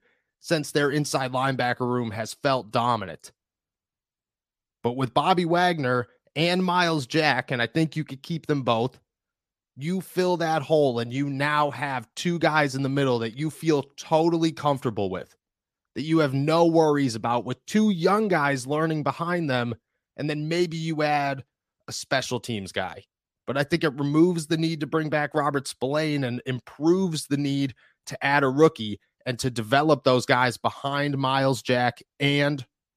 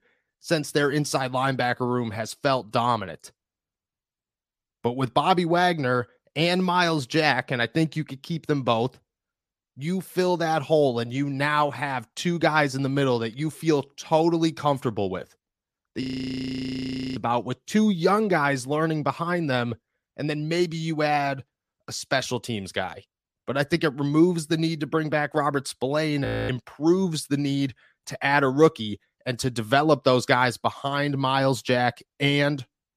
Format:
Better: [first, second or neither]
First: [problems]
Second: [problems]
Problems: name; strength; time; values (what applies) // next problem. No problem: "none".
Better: first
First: none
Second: audio freezing; at 16 s for 1 s and at 26 s